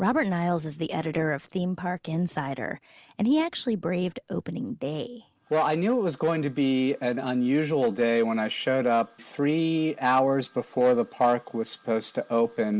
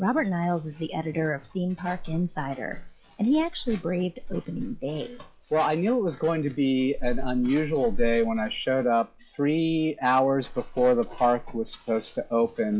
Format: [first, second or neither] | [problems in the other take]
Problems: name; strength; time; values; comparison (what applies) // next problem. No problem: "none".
first | noise reduction (classical method log-MMSE)